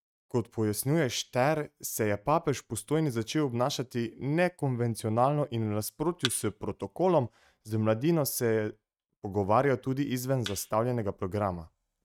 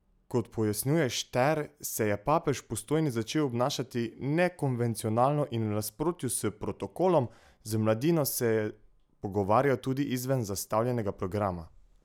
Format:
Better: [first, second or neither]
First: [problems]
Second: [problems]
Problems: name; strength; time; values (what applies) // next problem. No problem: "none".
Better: second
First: noise reduction (neural mask model RNNoise)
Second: none